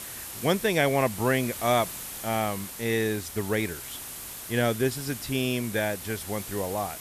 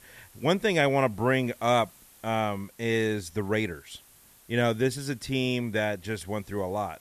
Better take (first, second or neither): second